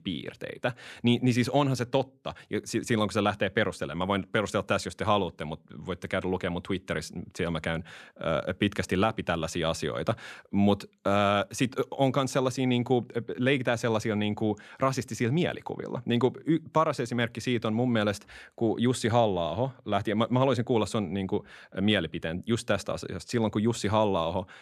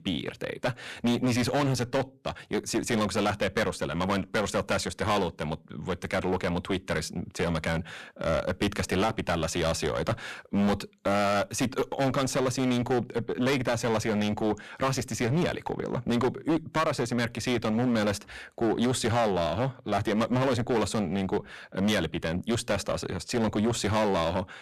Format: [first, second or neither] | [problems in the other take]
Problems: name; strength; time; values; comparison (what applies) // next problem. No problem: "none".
first | distortion; heavy; 14% of the sound clipped